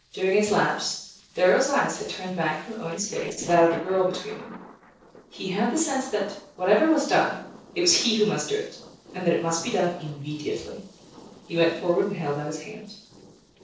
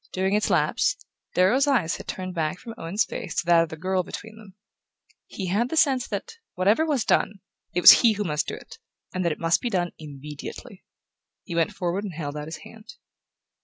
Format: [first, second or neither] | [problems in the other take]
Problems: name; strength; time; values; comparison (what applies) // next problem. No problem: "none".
second | noise reduction (neural separator model SepFormer DNS4)